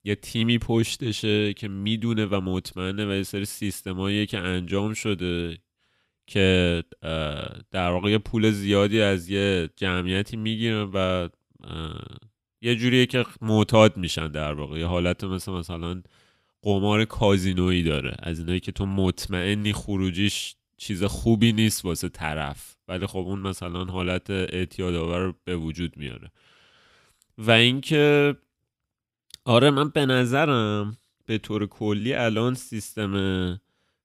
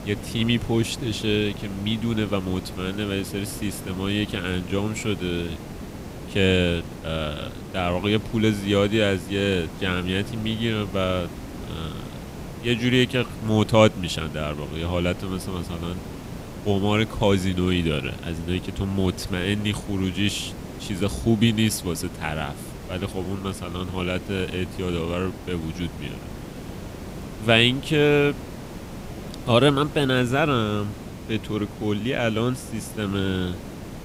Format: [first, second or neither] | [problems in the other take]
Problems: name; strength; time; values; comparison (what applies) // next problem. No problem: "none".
first | hiss; noticeable; throughout; 10 dB below the speech